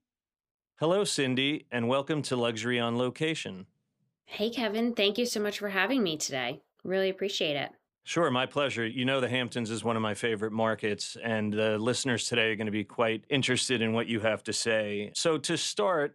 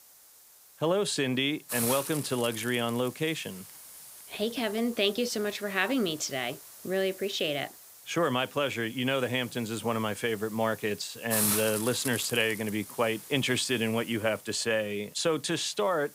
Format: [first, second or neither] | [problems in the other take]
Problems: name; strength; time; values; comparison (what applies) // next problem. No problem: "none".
first | hiss; loud; throughout; 8 dB below the speech